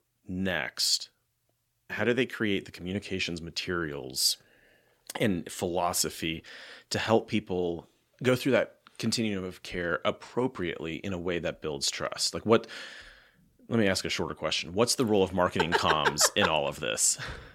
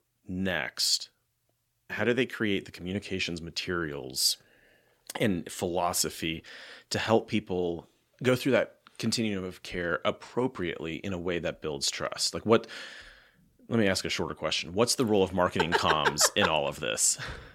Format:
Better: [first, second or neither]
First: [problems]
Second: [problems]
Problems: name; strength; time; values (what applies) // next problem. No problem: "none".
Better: neither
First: none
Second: none